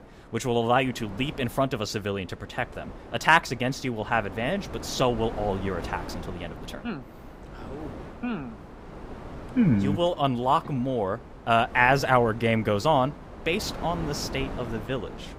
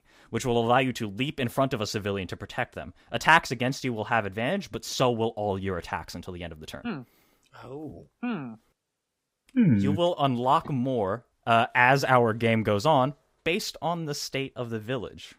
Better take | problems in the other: second | wind noise on the microphone; occasional gusts; 15 dB below the speech

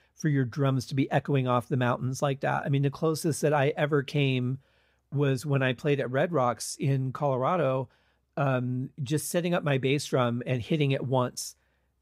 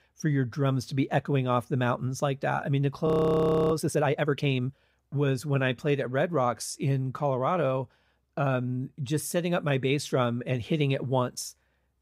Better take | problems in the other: first | audio freezing; at 3 s for 0.5 s

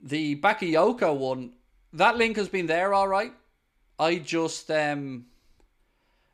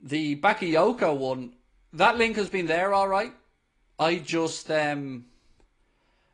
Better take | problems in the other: first | garbled, watery; slightly

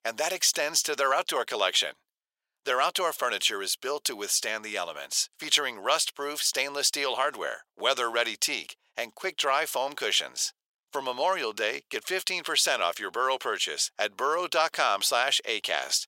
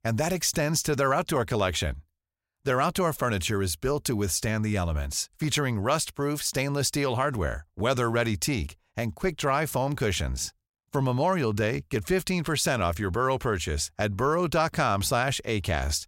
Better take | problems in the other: second | thin; very; fading below 450 Hz

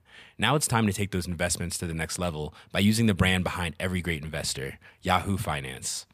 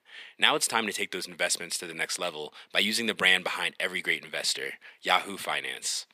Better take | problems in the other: first | thin; very; fading below 300 Hz

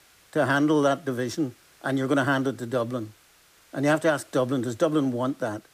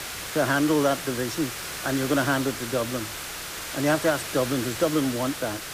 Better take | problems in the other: first | hiss; loud; throughout; 6 dB below the speech; faint in the first

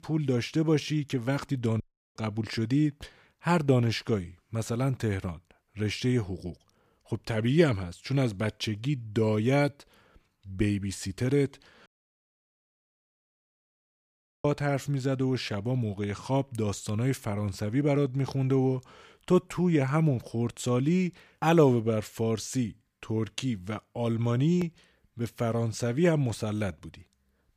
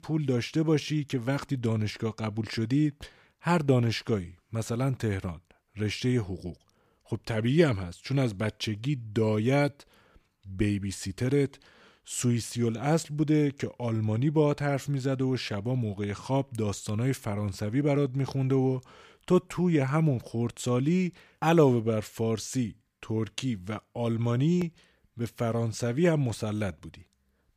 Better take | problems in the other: second | audio cutting out; at 2 s and at 12 s for 2.5 s

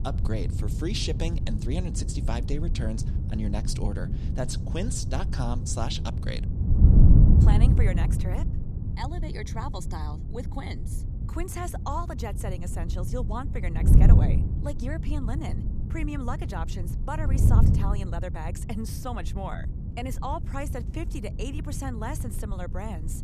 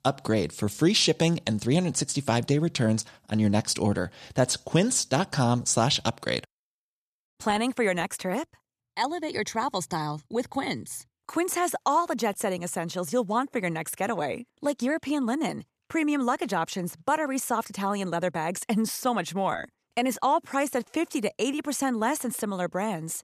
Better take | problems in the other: second | wind noise on the microphone; heavy; 4 dB below the speech

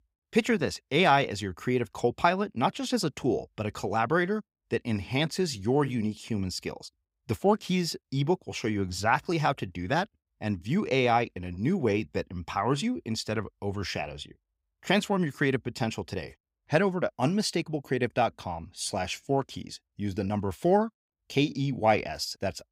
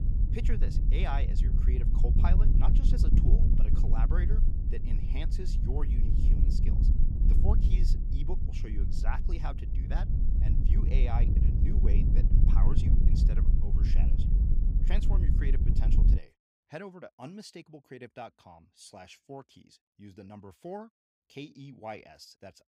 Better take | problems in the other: first | wind noise on the microphone; heavy; until 16 s; 1 dB below the speech

